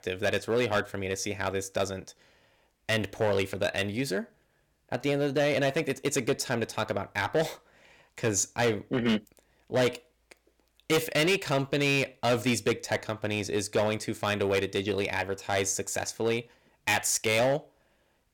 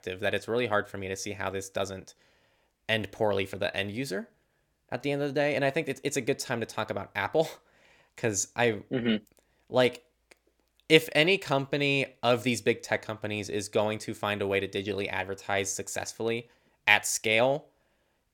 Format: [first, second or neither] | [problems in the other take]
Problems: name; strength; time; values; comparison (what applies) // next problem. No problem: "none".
second | distortion; heavy; 6% of the sound clipped